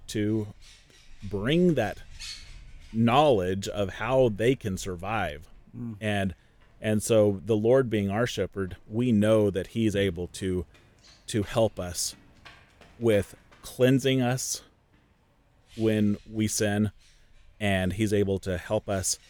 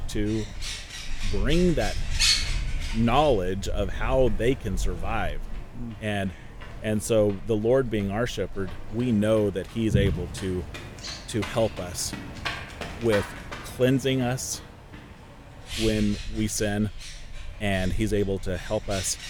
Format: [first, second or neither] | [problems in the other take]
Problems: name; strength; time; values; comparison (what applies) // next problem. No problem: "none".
first | animal sounds; loud; throughout; 6 dB below the speech; faint in the first